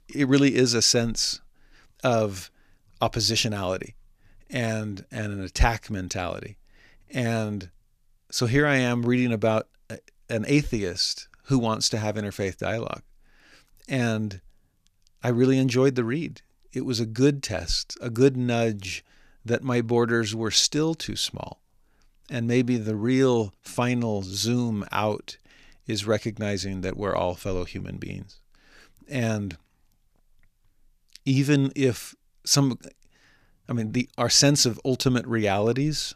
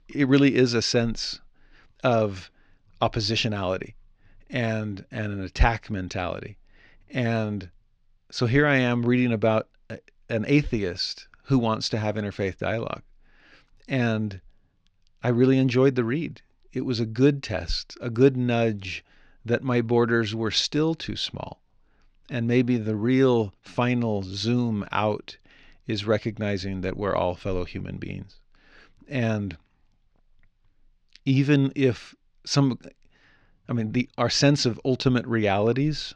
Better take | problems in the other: first | muffled; very slightly; fading above 4 kHz

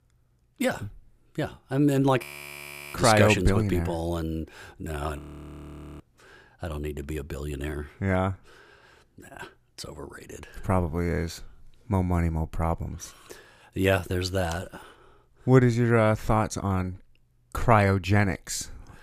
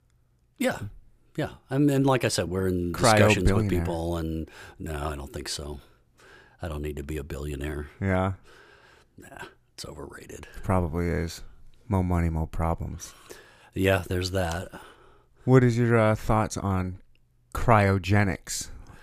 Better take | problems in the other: second | audio freezing; at 2 s for 0.5 s and at 5 s for 1 s

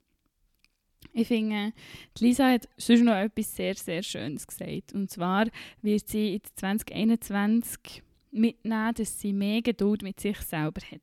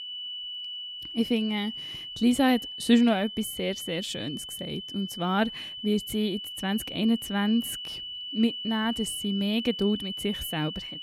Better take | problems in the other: first | high-pitched whine; loud; throughout; 3 kHz, 7 dB below the speech

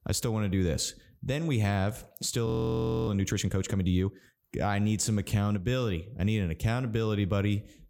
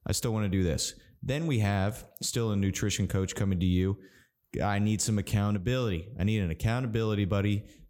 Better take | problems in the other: second | audio freezing; at 2.5 s for 0.5 s

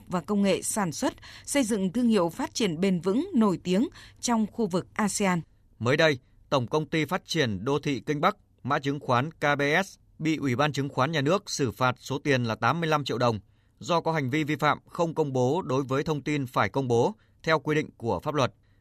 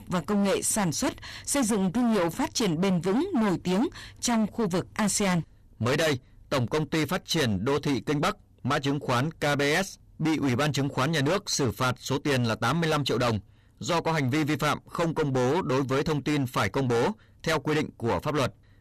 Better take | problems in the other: first | distortion; heavy; 23% of the sound clipped

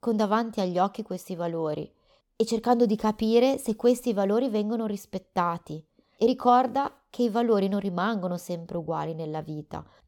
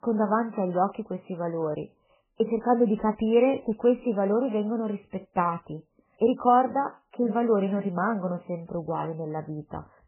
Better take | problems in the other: first | garbled, watery; badly; nothing above 3 kHz

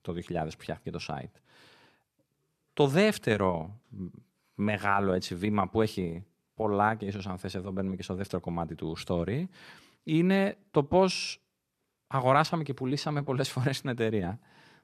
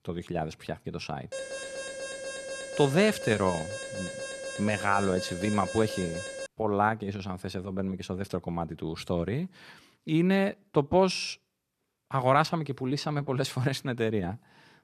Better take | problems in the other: first | alarm; noticeable; from 1.5 to 6.5 s; peak 7 dB below the speech

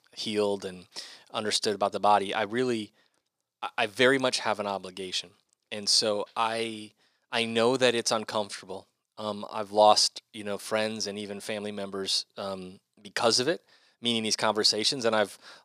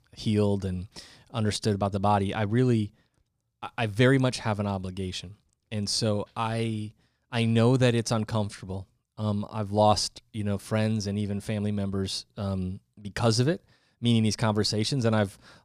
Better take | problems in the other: second | thin; somewhat; fading below 400 Hz

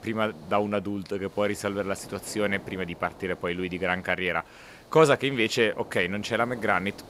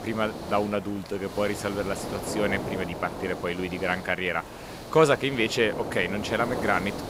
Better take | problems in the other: first | hiss; loud; throughout; 9 dB below the speech; faint in the first

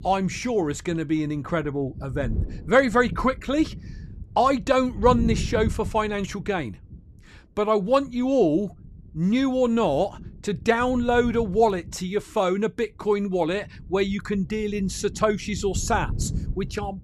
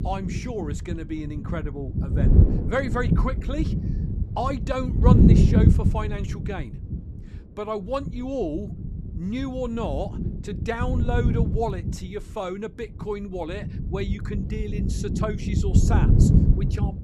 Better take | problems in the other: first | wind noise on the microphone; heavy; 2 dB below the speech; occasional gusts in the first

